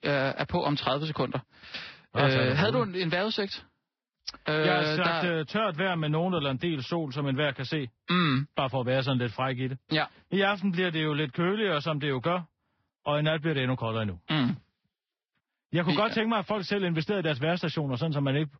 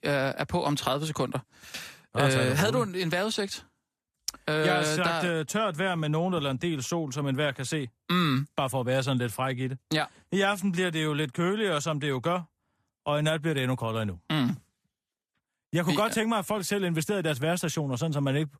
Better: second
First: garbled, watery; badly; nothing above 5.5 kHz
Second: none

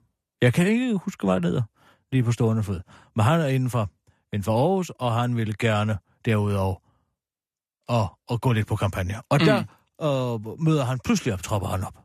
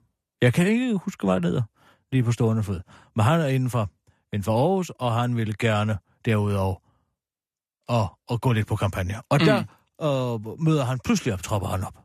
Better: neither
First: none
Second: none

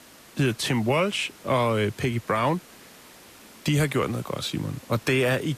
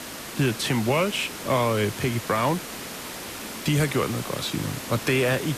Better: first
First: hiss; faint; throughout; 20 dB below the speech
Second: hiss; loud; throughout; 9 dB below the speech

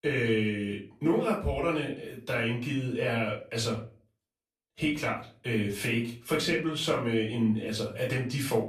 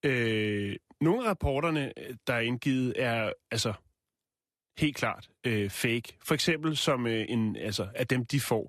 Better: second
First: room echo; slight; dies away in 0.3 s // off-mic speech; far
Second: none

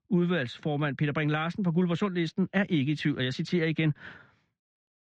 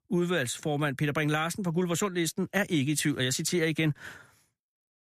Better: second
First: muffled; slightly; fading above 4 kHz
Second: none

